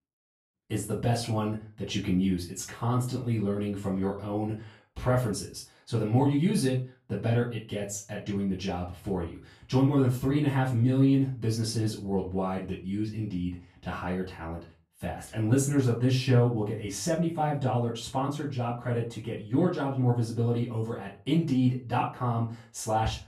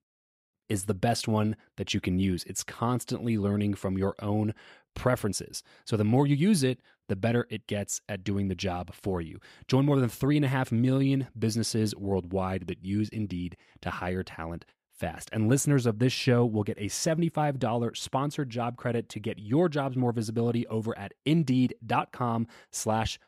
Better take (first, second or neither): second